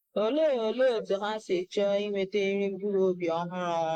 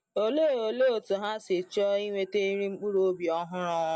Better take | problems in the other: second | noise reduction (neural mask model Resemble Enhance denoiser)

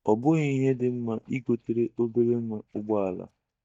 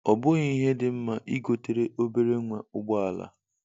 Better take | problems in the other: second | noise reduction (neural mask model DeepFilterNet 3)

